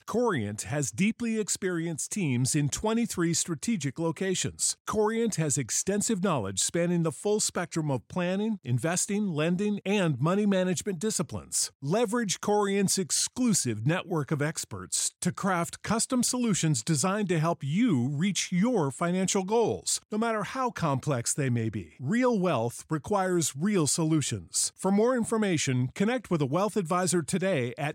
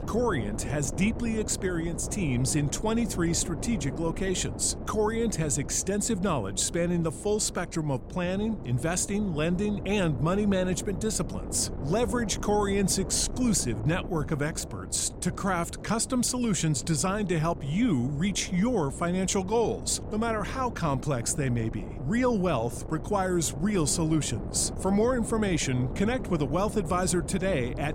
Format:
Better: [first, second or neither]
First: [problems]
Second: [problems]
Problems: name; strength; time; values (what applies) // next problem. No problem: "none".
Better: first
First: none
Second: wind noise on the microphone; occasional gusts; 15 dB below the speech